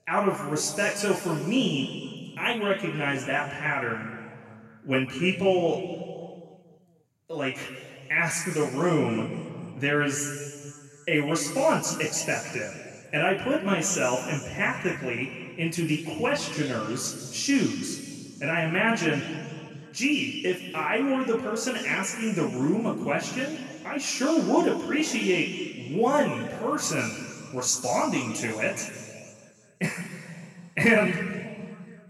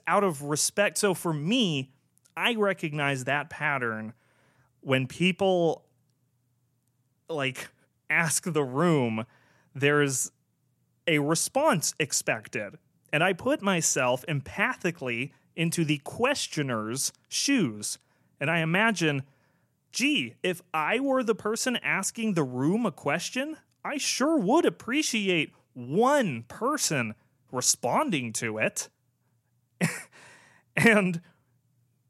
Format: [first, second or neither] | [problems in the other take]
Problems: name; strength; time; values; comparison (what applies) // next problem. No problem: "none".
second | room echo; noticeable; dies away in 2 s // off-mic speech; far